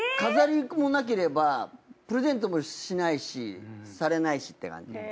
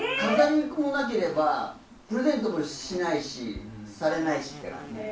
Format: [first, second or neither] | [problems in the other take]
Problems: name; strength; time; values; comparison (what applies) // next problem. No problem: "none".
first | background sound (Insect); 19 dB below the speech // room echo; dies away in 0.3 s